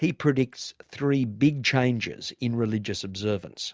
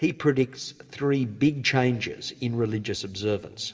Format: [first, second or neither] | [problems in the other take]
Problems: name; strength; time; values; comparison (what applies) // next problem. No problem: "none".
first | room echo; dies away in 2.3 s